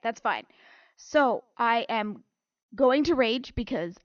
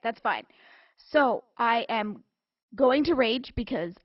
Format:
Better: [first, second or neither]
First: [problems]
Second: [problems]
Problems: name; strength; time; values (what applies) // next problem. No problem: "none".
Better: first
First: garbled, watery; slightly; nothing above 6.5 kHz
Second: garbled, watery; badly; nothing above 5.5 kHz